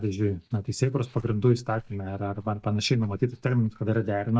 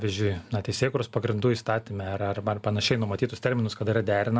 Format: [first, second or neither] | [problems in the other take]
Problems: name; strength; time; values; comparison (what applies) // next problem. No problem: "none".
second | noise reduction (neural mask model DeepFilterNet 3)